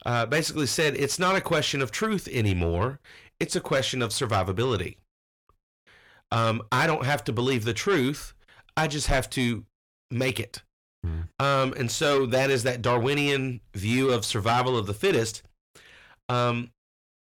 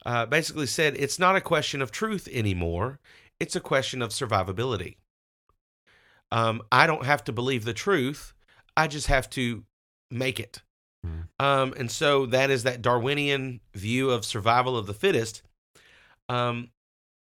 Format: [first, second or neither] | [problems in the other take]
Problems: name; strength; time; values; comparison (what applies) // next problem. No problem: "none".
second | distortion; heavy; 8 dB below the speech